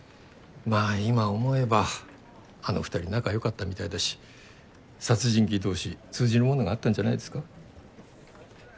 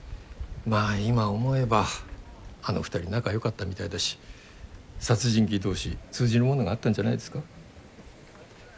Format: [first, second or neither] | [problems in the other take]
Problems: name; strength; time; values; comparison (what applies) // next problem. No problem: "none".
first | background sound (Wind); 17 dB below the speech